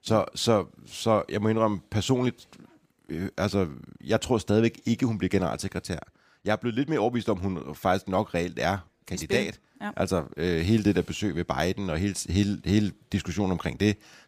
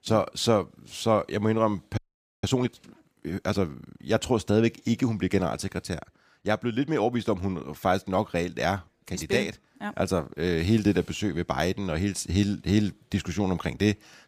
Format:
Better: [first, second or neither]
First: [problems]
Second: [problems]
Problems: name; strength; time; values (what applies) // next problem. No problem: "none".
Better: first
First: none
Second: audio freezing; at 2 s